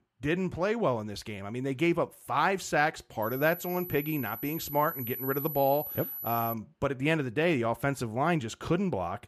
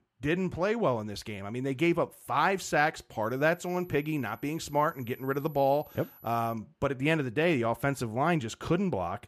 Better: second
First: high-pitched whine; loud; from 3 to 6.5 s; 12 kHz, 7 dB below the speech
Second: high-pitched whine; faint; from 3 to 6.5 s; 12 kHz, 25 dB below the speech

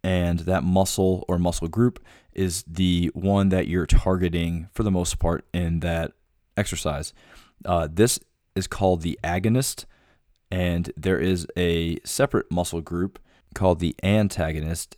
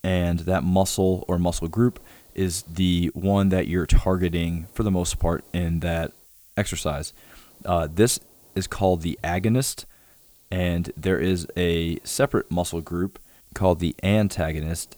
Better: first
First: none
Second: hiss; faint; throughout; 25 dB below the speech

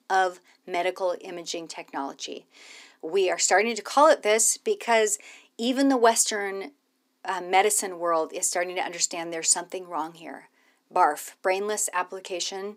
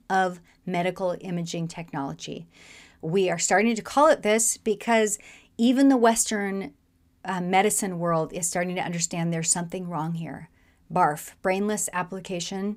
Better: second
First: thin; somewhat; fading below 300 Hz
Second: none

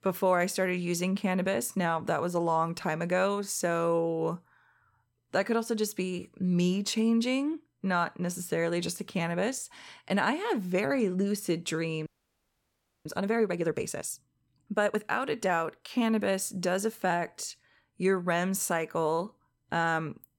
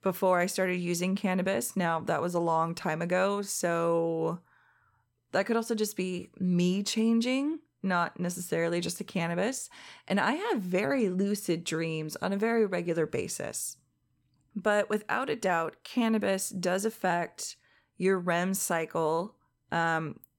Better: second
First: audio freezing; at 12 s for 1 s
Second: none

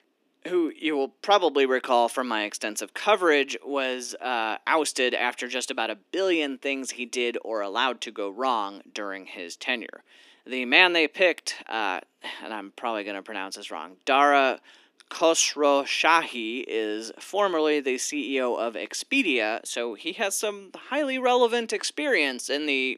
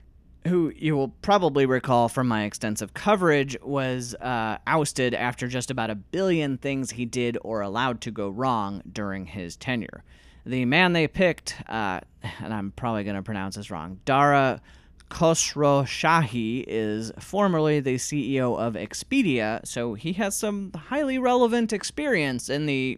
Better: second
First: thin; somewhat; fading below 300 Hz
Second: none

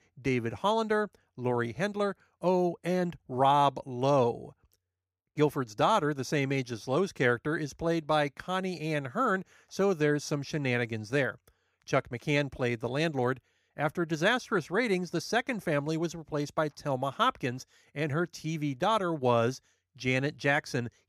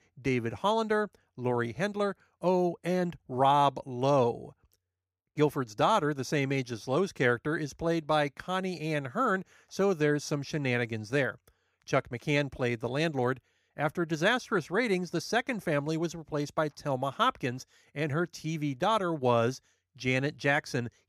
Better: neither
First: none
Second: none

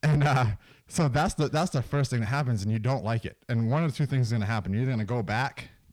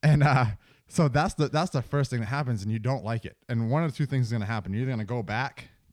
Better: second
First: distortion; slight; 10 dB below the speech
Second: none

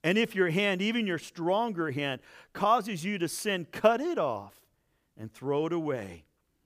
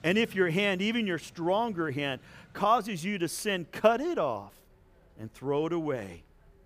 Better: first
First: none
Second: traffic noise; faint; throughout; 30 dB below the speech

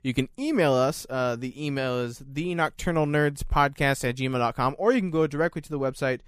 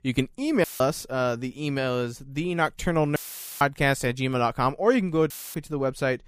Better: first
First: none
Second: audio cutting out; filled with static; at 0.5 s, at 3 s and at 5.5 s

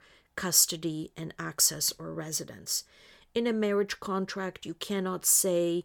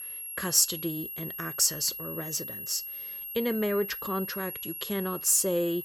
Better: first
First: none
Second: high-pitched whine; loud; throughout; 11.5 kHz, 8 dB below the speech

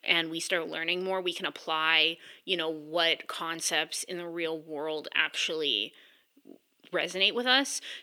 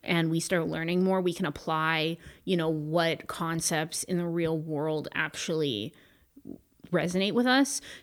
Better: second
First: thin; somewhat; fading below 400 Hz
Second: none

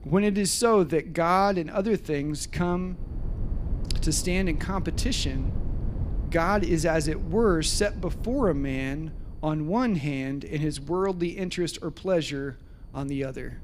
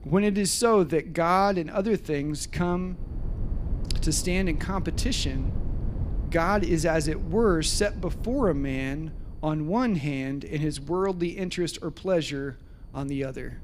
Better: neither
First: low rumble; faint; throughout; 20 dB below the speech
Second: low rumble; faint; throughout; 20 dB below the speech

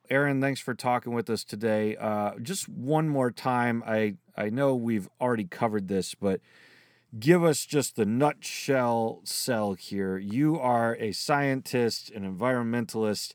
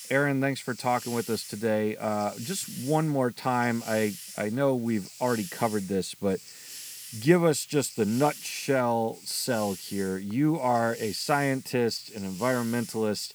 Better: first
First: none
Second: hiss; noticeable; throughout; 15 dB below the speech

